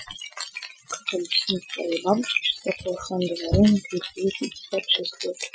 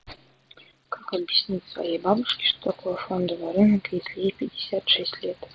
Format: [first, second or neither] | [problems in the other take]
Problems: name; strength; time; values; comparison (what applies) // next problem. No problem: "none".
second | noise reduction (classical method Wiener filter)